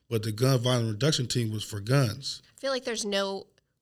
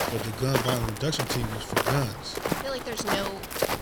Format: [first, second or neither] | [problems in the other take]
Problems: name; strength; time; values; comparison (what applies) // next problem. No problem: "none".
first | footsteps; loud; peak 4 dB above the speech